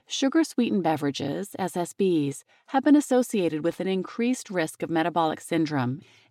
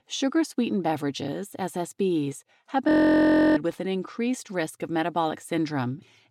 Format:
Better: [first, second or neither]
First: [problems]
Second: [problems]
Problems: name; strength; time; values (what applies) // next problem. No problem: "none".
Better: first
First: none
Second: audio freezing; at 3 s for 0.5 s